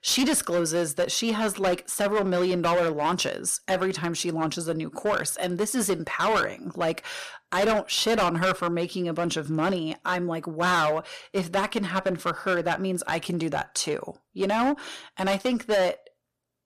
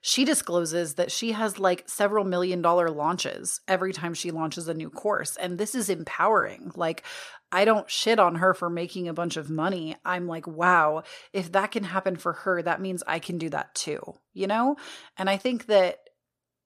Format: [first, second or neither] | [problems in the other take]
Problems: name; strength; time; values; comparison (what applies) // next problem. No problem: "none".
second | distortion; heavy; 10% of the sound clipped